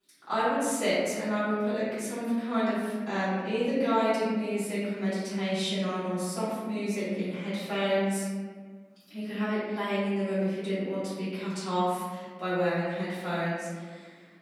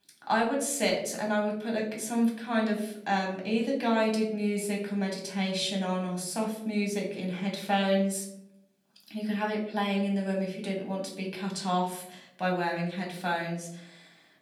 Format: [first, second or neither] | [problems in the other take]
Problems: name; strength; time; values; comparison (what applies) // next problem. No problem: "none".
second | room echo; strong; dies away in 1.6 s; slight in the second // off-mic speech; far; far in the second